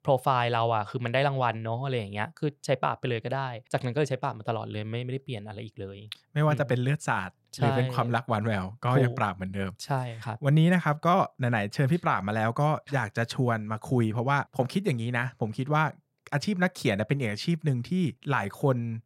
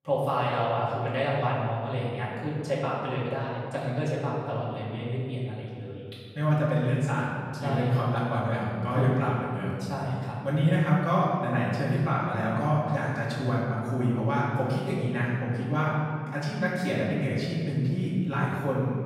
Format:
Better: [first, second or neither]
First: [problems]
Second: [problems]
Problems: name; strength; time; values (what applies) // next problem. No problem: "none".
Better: first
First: none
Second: off-mic speech; far // room echo; strong; dies away in 2.2 s